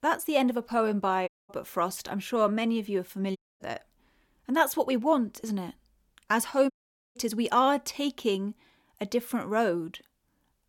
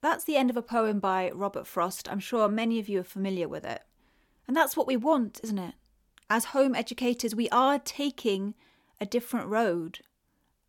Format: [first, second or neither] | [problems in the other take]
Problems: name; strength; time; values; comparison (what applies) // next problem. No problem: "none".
second | audio cutting out; at 1.5 s, at 3.5 s and at 6.5 s